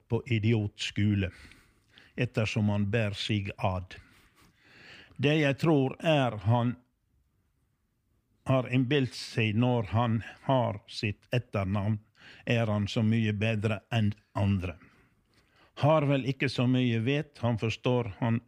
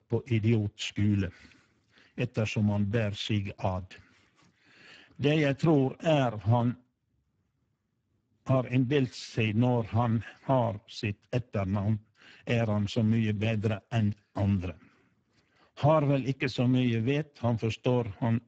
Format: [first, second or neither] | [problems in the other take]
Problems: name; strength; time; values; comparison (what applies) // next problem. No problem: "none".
first | garbled, watery; badly; nothing above 7.5 kHz